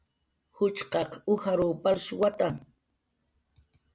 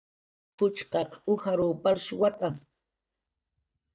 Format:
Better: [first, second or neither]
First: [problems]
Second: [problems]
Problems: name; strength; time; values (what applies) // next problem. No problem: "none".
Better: first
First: none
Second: noise reduction (neural mask model DeepFilterNet 3)